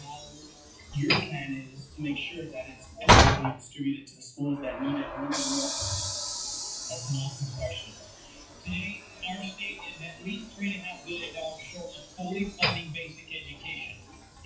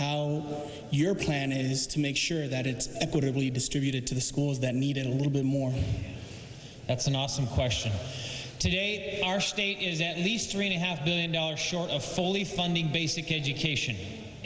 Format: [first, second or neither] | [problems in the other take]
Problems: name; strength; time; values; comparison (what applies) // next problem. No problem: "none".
second | noise reduction (classical method WPE with log-MMSE)